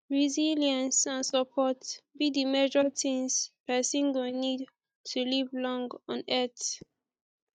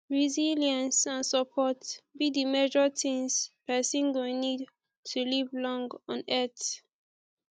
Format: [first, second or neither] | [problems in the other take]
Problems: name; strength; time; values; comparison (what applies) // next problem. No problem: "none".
second | noise reduction (neural mask model DeepFilterNet 3)